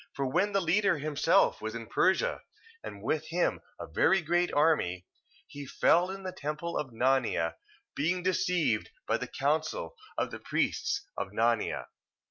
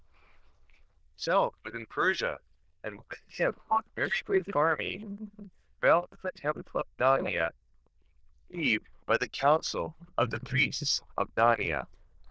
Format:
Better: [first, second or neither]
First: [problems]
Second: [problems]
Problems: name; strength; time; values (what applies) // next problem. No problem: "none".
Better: first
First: none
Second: noise reduction (neural diffusion model UNIVERSE++)